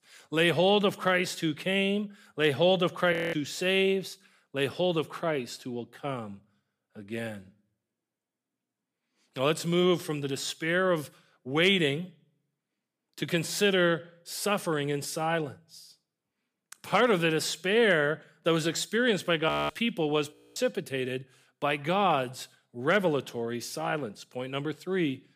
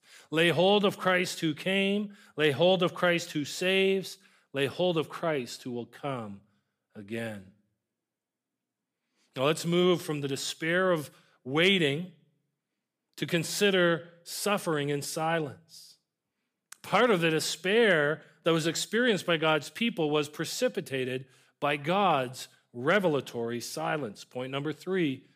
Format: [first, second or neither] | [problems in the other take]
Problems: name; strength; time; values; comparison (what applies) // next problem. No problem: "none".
second | audio freezing; at 3 s, at 19 s and at 20 s